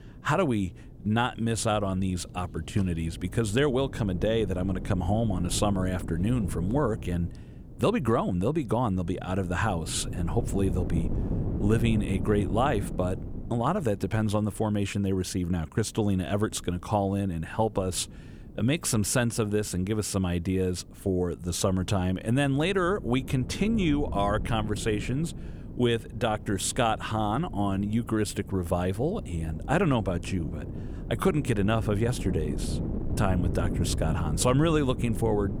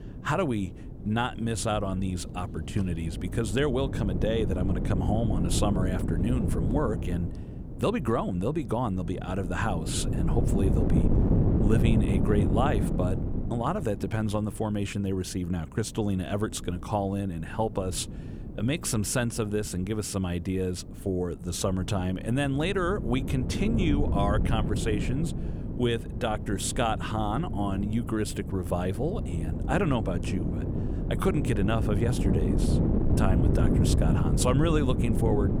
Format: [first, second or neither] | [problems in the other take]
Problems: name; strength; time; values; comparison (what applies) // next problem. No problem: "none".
first | wind noise on the microphone; heavy; 6 dB below the speech; occasional gusts in the first